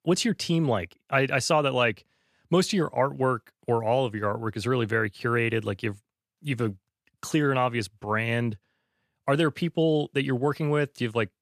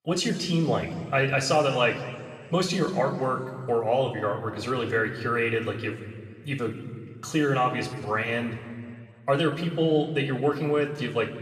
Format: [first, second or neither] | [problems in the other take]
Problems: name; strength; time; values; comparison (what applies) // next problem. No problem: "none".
first | room echo; noticeable; dies away in 1.7 s // off-mic speech; somewhat distant